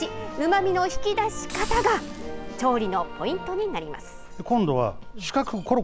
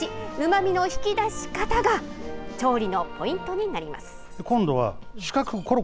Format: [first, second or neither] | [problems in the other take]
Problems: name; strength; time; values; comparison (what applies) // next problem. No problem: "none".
second | background sound (Hiss); 20 dB below the speech